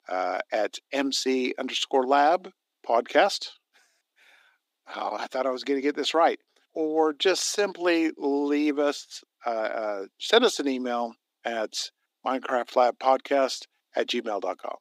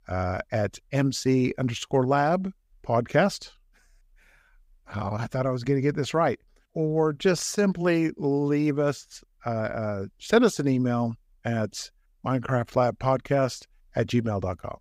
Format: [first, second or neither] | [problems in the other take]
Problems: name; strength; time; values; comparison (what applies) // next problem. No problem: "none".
second | thin; somewhat; fading below 300 Hz